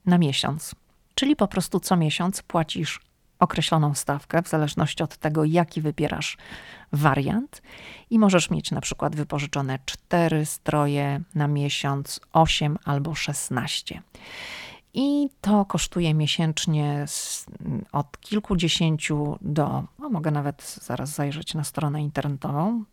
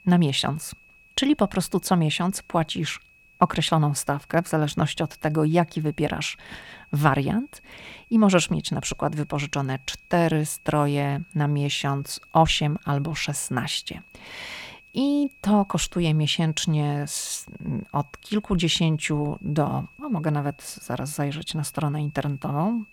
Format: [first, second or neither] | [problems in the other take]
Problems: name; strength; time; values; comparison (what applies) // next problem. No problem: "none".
first | high-pitched whine; faint; throughout; 2.5 kHz, 25 dB below the speech